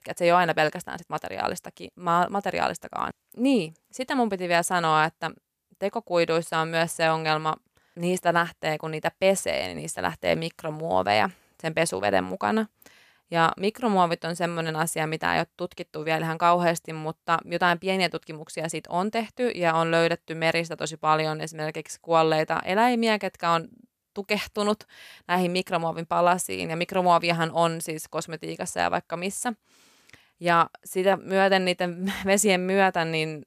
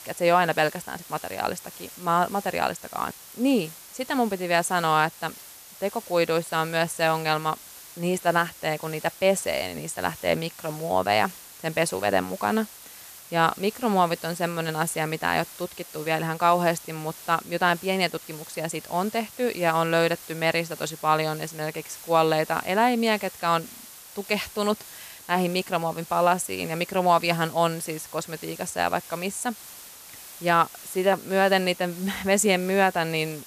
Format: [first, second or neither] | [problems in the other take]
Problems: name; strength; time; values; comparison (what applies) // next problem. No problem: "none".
first | hiss; noticeable; throughout; 15 dB below the speech